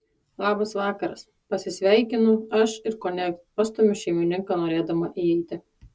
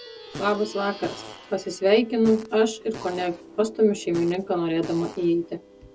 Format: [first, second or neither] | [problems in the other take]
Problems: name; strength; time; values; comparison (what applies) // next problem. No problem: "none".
first | background sound (Fart + Plucked string instrument); 17 dB below the speech